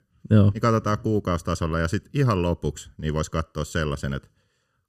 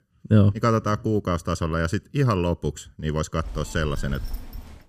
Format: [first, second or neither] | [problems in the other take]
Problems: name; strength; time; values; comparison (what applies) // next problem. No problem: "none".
first | phone ringing; faint; from 3.5 s on; peak 10 dB below the speech